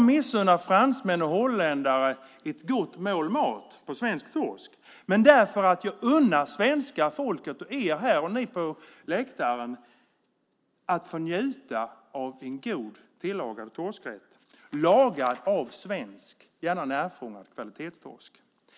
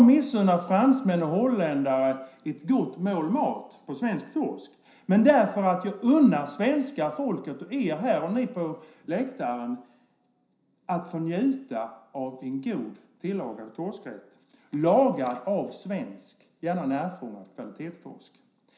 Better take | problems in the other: first | room echo; dies away in 0.5 s

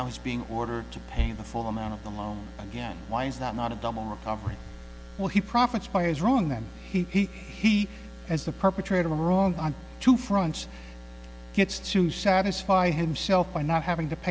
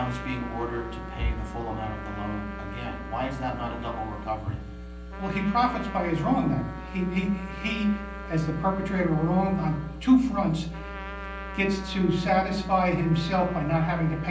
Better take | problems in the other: first | background sound (Trumpet); 14 dB below the speech // room echo; dies away in 0.6 s

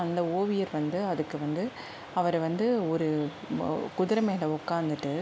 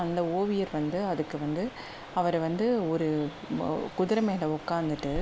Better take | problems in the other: first | background sound (Water); 17 dB below the speech

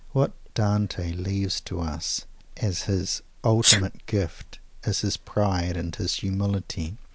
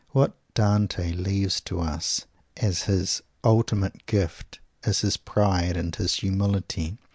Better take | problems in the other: second | background sound (Sneeze); 7 dB below the speech

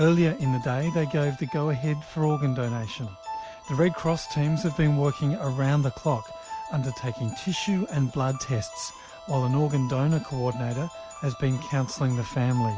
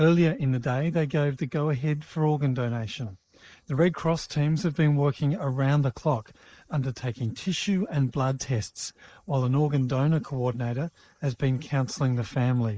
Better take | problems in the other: first | noise reduction (neural mask model Resemble Enhance denoiser)

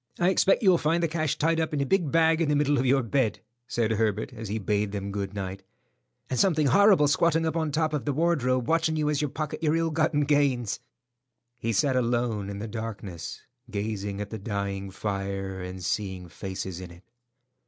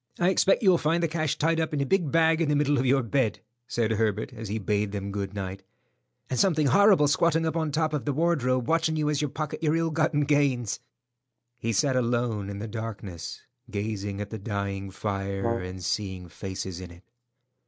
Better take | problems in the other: first | background sound (Brass instrument); 10 dB below the speech

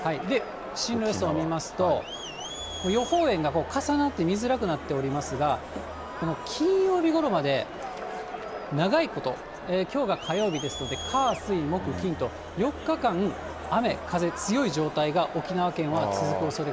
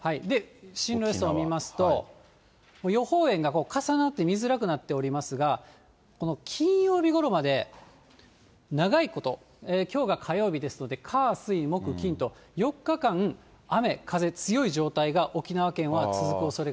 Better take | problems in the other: second | background sound (Crowd); 9 dB below the speech

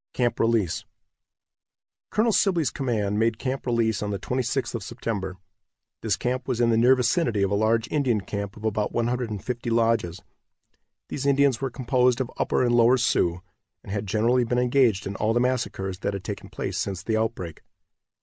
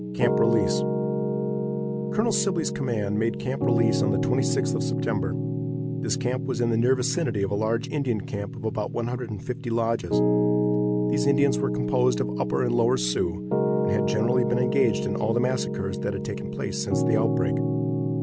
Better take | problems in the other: first | background sound (Piano); 1 dB above the speech

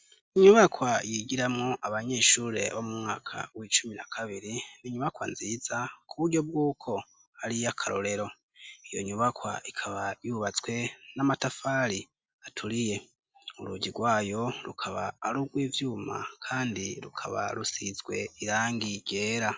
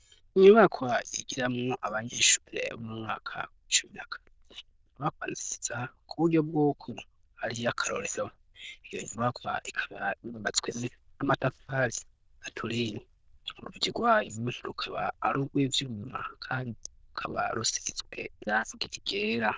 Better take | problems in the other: first | noise reduction (neural diffusion model UNIVERSE++)

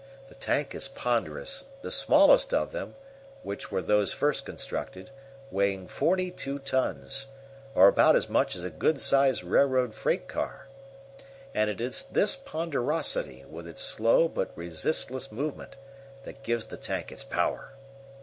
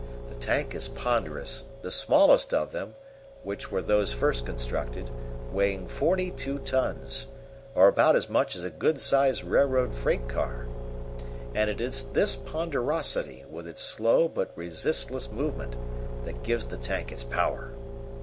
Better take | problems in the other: first | background sound (Engine / Car); 8 dB below the speech

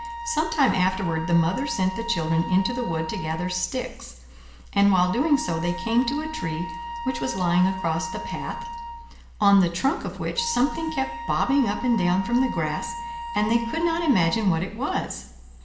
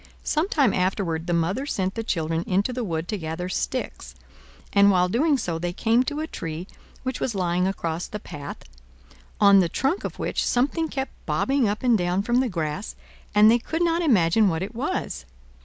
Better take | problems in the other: second | background sound (Wind instrument, woodwind instrument); 10 dB below the speech // room echo; dies away in 1 s

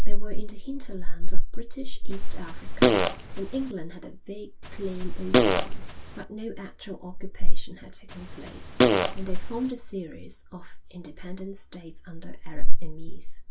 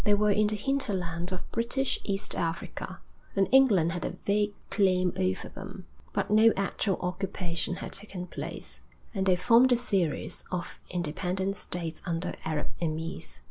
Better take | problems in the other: second | background sound (Fart); 7 dB below the speech // room echo; dies away in 0.1 s

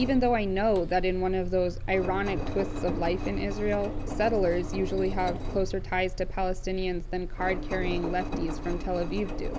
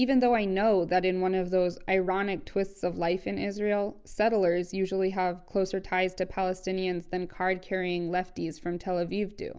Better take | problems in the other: second | background sound (Bus + Engine); 3 dB below the speech

